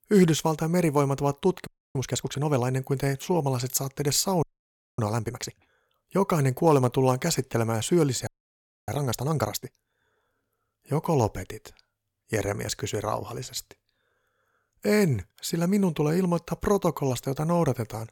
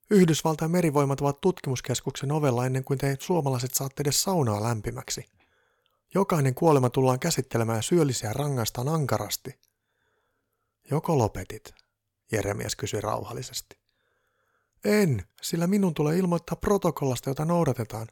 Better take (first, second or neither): second